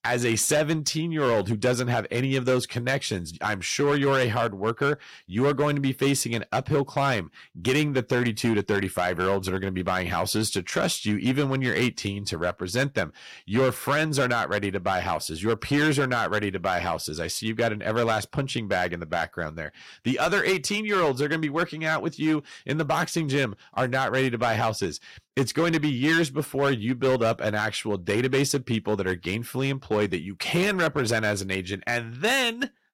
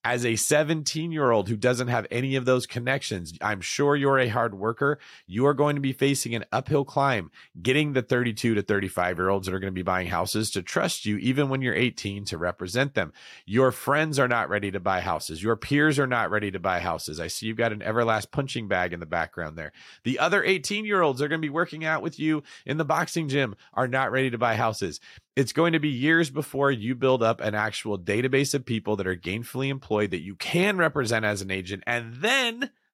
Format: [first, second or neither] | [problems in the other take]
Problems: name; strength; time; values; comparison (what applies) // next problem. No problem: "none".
second | distortion; slight; 7% of the sound clipped